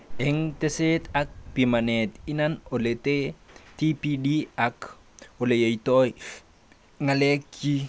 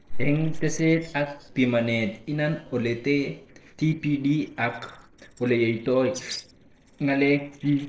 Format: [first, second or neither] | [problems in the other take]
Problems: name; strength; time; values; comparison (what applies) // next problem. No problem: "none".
first | noise reduction (neural separator model SepFormer DNS4)